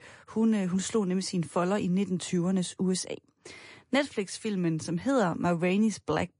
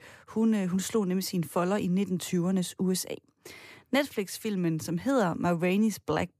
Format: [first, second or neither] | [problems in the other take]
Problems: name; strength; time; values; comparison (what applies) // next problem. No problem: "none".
second | garbled, watery; slightly; nothing above 10.5 kHz